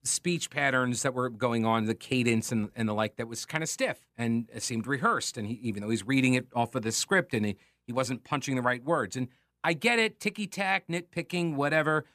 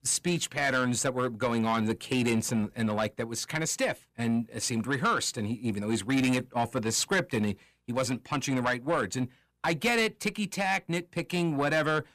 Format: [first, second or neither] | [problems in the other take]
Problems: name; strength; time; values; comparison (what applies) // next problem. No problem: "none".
first | distortion; slight; 10 dB below the speech